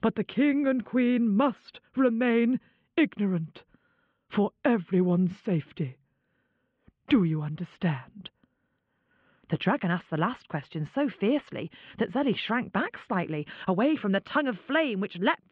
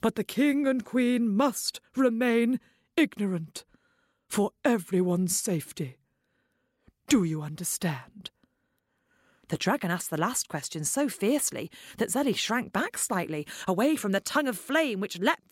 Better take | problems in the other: second | muffled; very; fading above 3 kHz

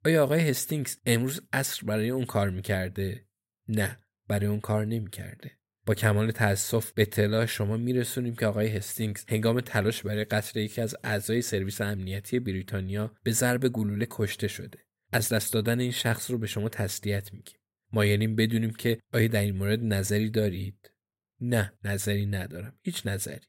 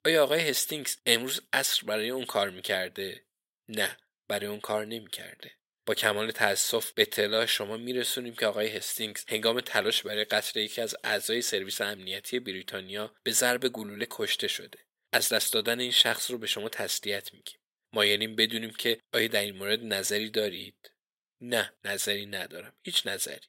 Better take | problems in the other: first | thin; somewhat; fading below 400 Hz

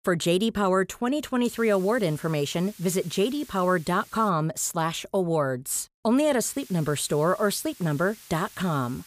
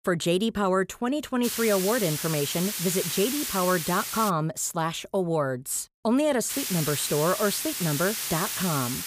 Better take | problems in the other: first | hiss; loud; from 1.5 to 4.5 s and from 6.5 s on; 3 dB below the speech; faint in the first

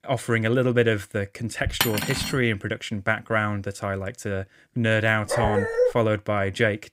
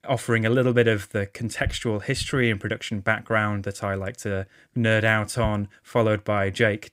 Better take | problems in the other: second | clattering dishes; loud; at 2 s; peak level with the speech // dog barking; loud; at 5.5 s; peak 2 dB above the speech

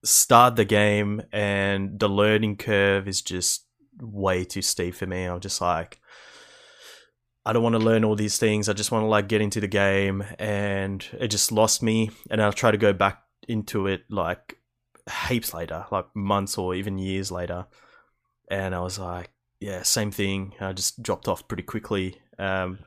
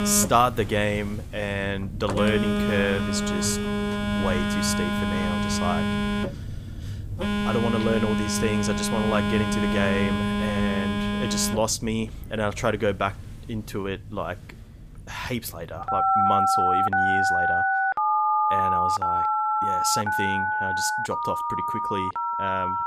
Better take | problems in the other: first | alarms or sirens; very loud; throughout; 3 dB above the speech

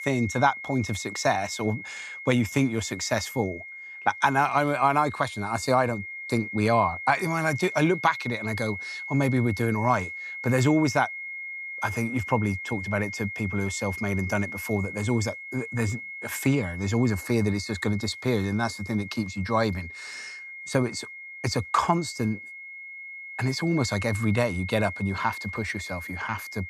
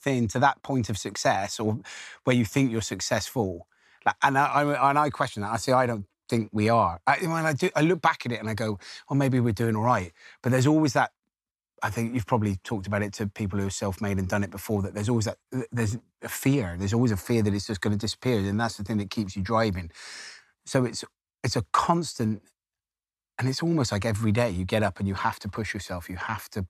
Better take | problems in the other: second | high-pitched whine; loud; throughout; 2 kHz, 9 dB below the speech

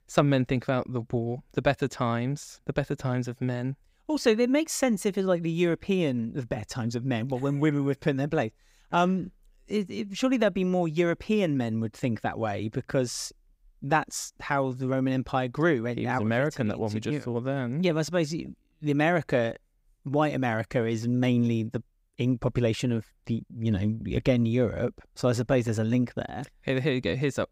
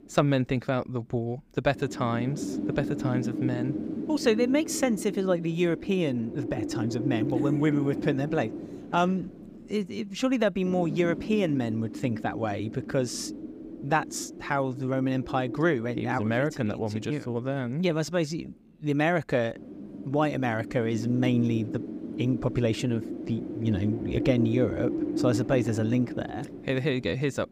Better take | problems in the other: first | wind noise on the microphone; heavy; 8 dB below the speech

